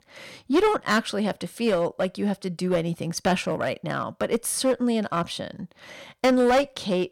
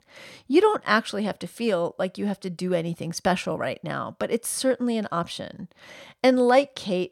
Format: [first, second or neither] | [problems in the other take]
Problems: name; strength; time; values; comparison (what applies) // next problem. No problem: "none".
second | distortion; slight; 5% of the sound clipped